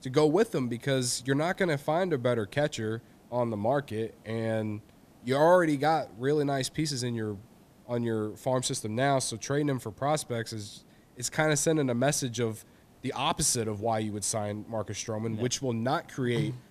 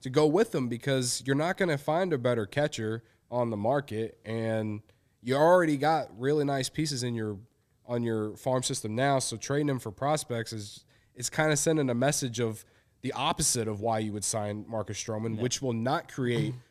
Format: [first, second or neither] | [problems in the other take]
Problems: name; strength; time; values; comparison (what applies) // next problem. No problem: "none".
second | hiss; faint; throughout; 30 dB below the speech